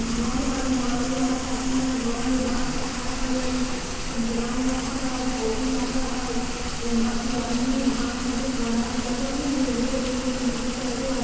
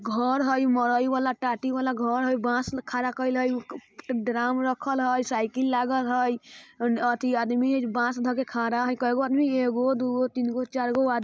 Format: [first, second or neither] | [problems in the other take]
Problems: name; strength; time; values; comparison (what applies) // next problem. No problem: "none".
second | background sound (Rain); 2 dB below the speech // room echo; dies away in 2.2 s